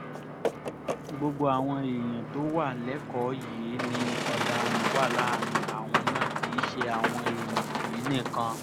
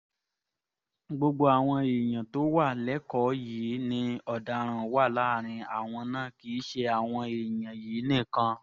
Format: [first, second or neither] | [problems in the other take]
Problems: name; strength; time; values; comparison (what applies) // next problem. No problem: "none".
second | background sound (Boat, Water vehicle); as loud as the speech